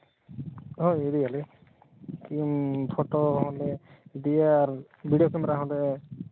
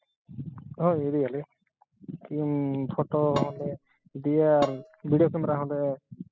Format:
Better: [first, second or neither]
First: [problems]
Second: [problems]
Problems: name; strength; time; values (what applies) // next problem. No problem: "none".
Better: first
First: none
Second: noise reduction (classical method spectral subtraction)